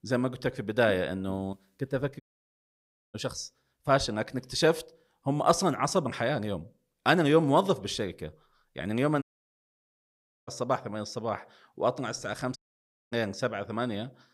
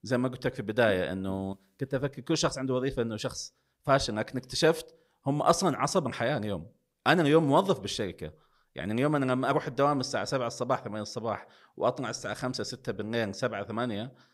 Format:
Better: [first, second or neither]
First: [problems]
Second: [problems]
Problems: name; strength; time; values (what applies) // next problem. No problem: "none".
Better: second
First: audio cutting out; at 2 s for 1 s, at 9 s for 1.5 s and at 13 s for 0.5 s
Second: none